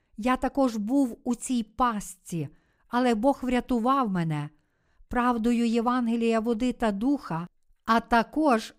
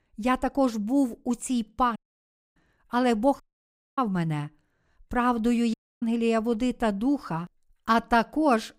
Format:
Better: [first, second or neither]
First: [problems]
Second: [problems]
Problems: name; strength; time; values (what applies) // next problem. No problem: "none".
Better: first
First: none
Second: audio cutting out; at 2 s for 0.5 s, at 3.5 s for 0.5 s and at 5.5 s